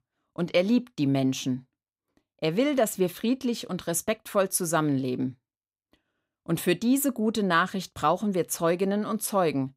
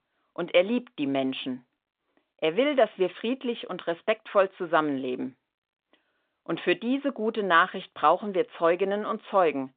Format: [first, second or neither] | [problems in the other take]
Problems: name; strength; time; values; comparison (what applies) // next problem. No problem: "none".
first | phone-call audio